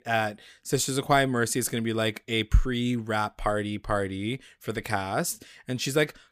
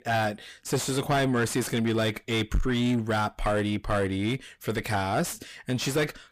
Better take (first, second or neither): first